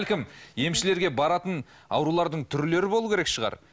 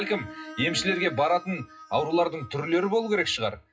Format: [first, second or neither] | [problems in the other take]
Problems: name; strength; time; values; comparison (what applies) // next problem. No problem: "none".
first | noise reduction (classical method WPE with log-MMSE)